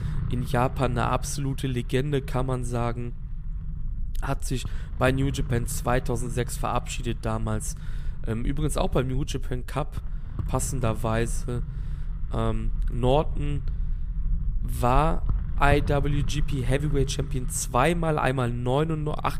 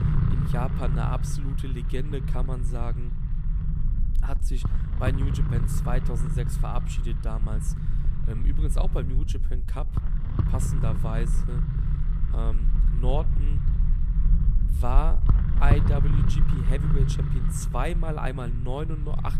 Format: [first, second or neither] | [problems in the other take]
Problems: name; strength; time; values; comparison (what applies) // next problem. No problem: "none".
first | low rumble; loud; throughout; 5 dB below the speech; faint in the first